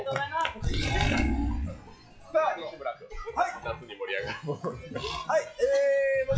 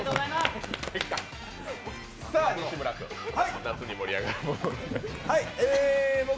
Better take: second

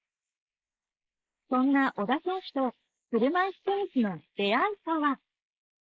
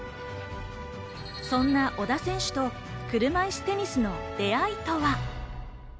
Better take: second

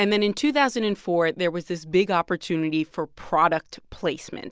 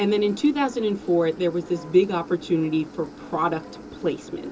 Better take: first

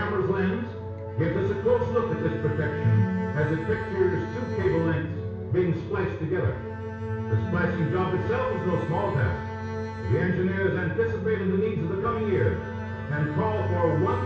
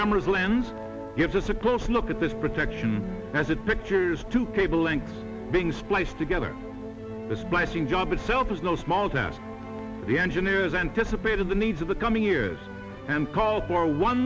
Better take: second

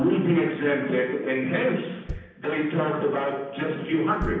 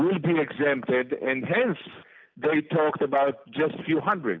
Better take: second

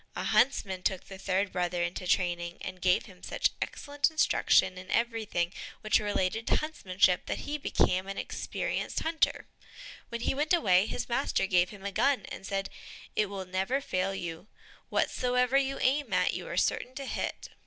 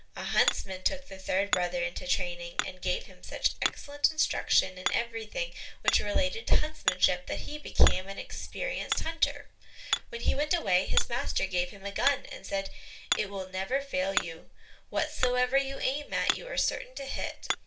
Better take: first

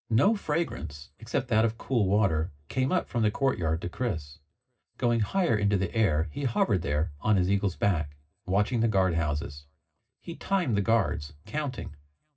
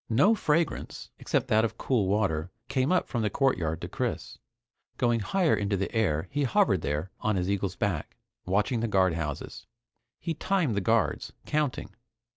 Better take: second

